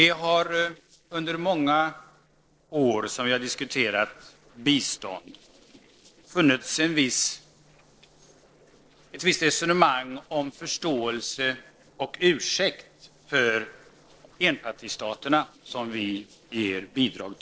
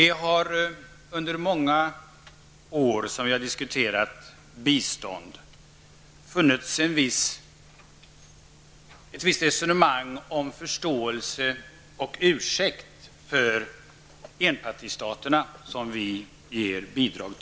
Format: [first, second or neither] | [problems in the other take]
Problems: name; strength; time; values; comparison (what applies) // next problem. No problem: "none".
second | noise reduction (neural separator model SepFormer DNS4)